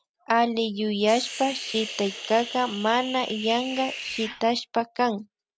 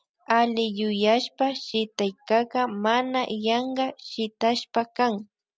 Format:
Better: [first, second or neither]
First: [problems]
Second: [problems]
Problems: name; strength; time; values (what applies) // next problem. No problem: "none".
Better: second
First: background sound (Hiss); 10 dB below the speech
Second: none